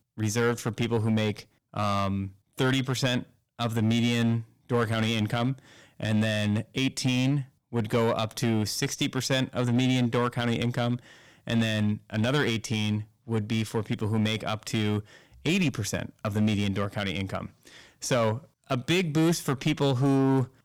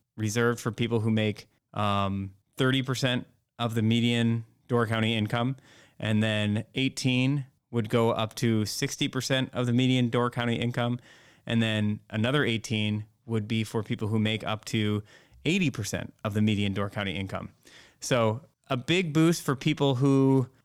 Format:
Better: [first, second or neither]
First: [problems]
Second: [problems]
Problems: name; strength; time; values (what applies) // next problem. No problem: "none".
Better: second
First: distortion; slight; 6% of the sound clipped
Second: none